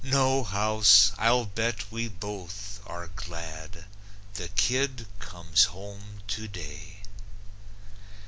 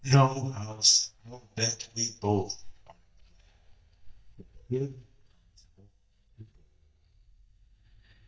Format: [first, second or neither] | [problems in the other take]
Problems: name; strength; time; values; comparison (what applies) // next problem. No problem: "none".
first | noise reduction (neural mask model DeepFilterNet 3)